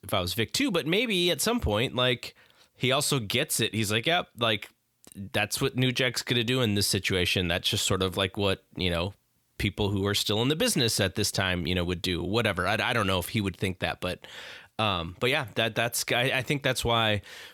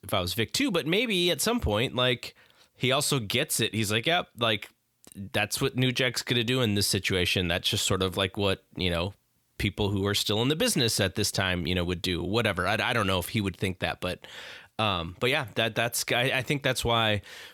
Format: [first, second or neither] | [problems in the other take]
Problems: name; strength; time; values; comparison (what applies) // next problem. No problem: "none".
neither | none